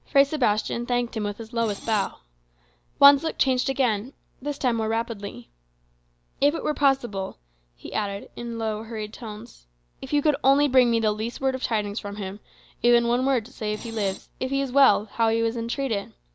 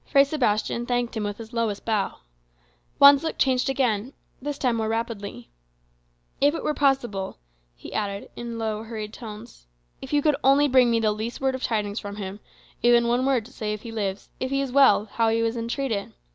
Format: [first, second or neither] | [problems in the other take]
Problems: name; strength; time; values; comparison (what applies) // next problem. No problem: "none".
second | background sound (Screech); 15 dB below the speech